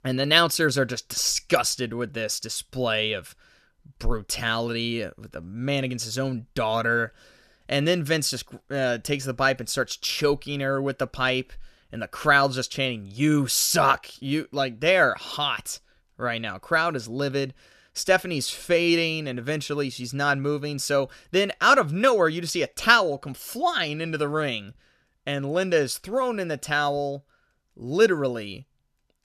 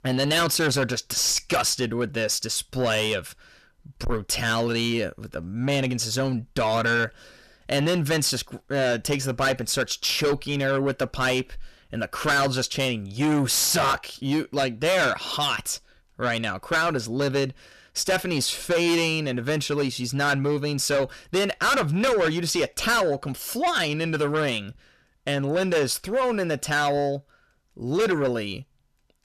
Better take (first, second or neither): first